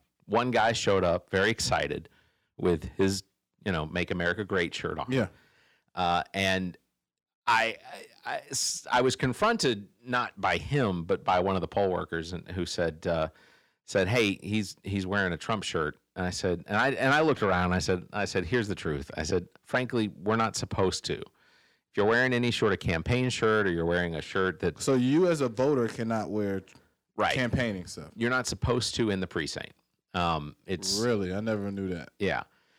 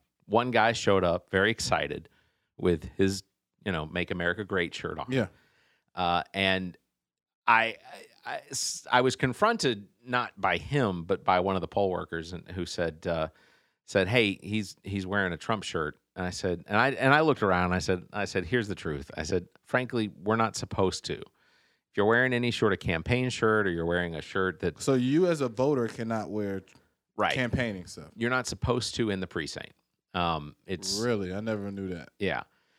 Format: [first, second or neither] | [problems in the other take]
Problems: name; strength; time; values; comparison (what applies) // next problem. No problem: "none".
second | distortion; slight; 10 dB below the speech